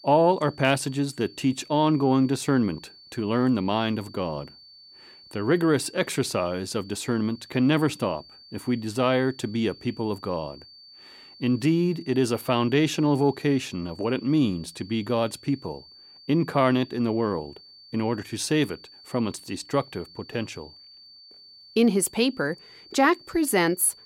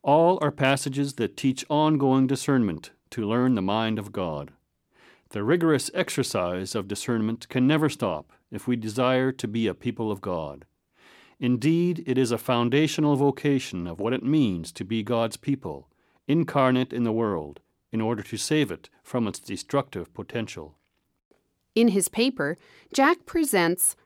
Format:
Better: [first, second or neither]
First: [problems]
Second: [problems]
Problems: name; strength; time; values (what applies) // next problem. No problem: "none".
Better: second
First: high-pitched whine; faint; throughout; 4.5 kHz, 20 dB below the speech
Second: none